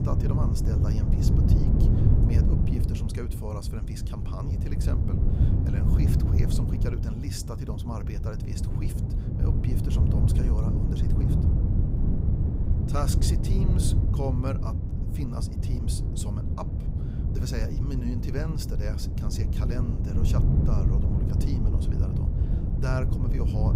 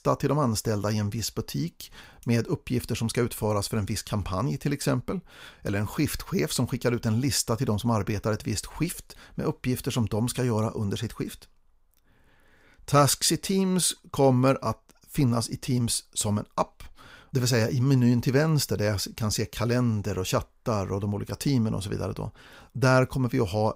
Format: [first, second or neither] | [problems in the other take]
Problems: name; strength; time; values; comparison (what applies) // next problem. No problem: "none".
second | wind noise on the microphone; heavy; 1 dB above the speech